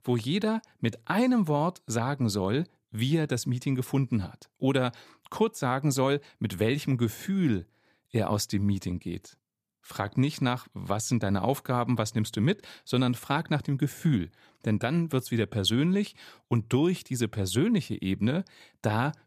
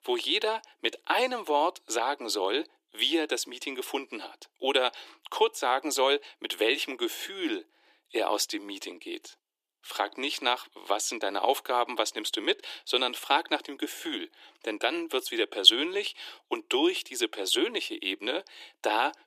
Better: first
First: none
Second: thin; very; fading below 300 Hz

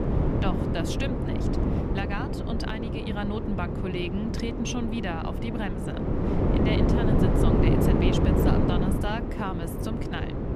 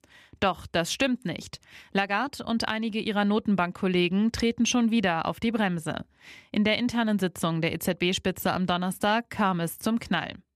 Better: second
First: wind noise on the microphone; heavy; 3 dB above the speech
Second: none

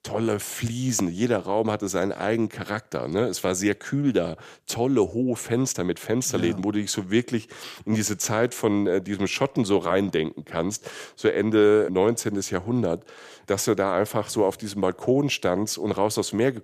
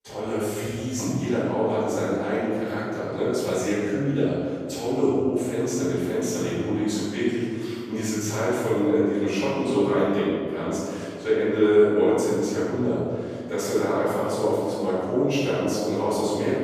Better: first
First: none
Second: room echo; strong; dies away in 1.9 s // off-mic speech; far

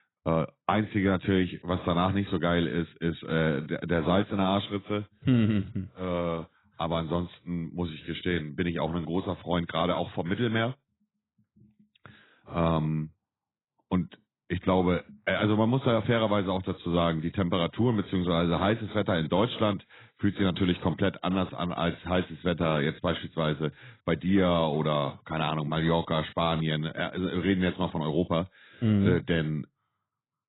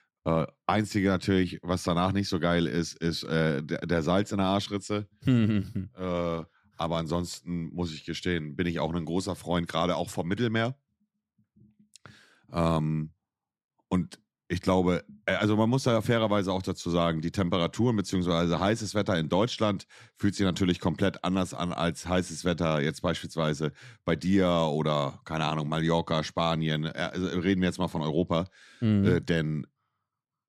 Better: second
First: garbled, watery; badly; nothing above 4 kHz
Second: none

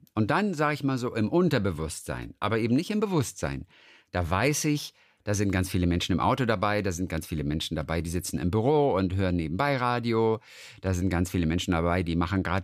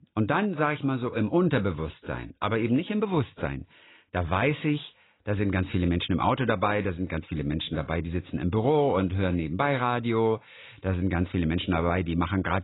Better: first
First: none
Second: garbled, watery; badly; nothing above 4 kHz

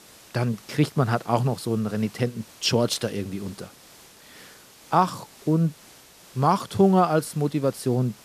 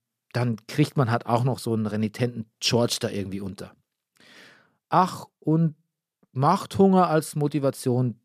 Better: second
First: hiss; faint; throughout; 25 dB below the speech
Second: none

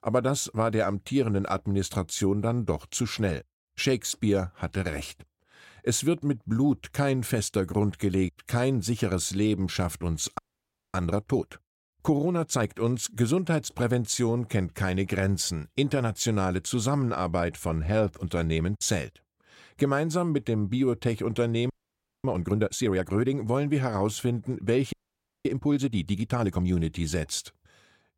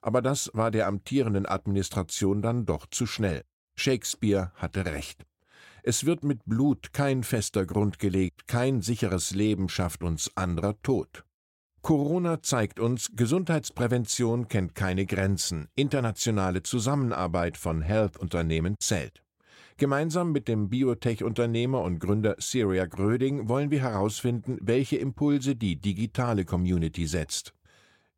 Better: second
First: audio freezing; at 10 s for 0.5 s, at 22 s for 0.5 s and at 25 s for 0.5 s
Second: none

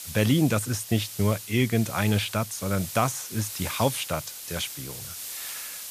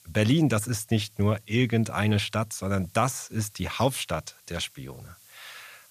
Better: second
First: hiss; loud; throughout; 9 dB below the speech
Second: hiss; faint; throughout; 25 dB below the speech

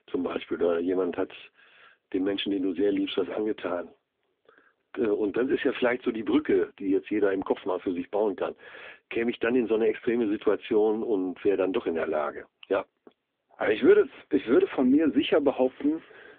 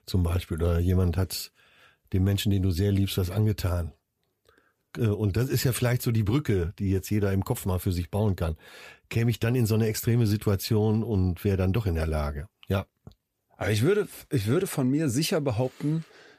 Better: second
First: phone-call audio; nothing above 3.5 kHz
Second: none

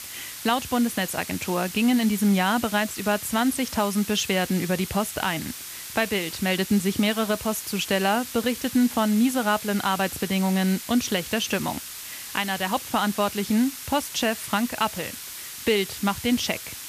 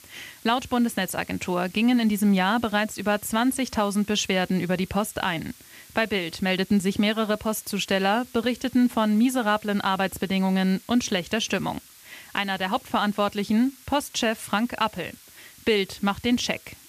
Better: second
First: hiss; loud; throughout; 10 dB below the speech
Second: hiss; faint; throughout; 25 dB below the speech

